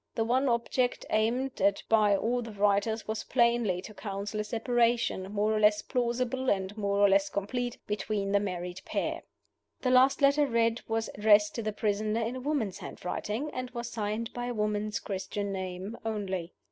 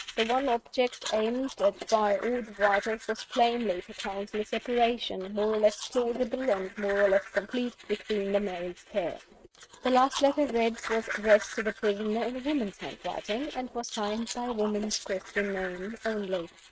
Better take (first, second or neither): first